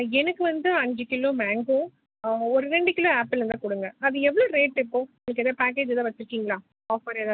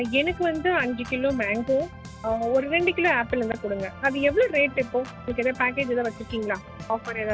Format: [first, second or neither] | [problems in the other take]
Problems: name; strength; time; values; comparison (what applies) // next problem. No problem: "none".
first | background sound (Organ); 15 dB below the speech